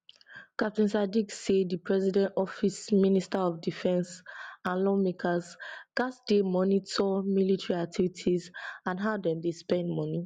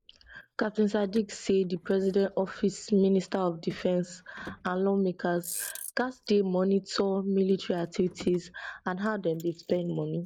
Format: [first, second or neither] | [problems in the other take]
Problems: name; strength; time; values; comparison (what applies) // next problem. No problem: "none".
first | noise reduction (neural mask model Resemble Enhance denoiser)